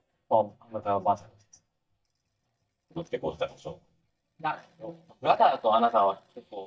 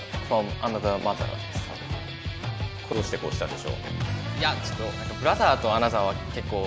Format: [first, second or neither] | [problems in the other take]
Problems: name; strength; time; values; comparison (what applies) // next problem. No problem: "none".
second | noise reduction (neural mask model DeepFilterNet 3)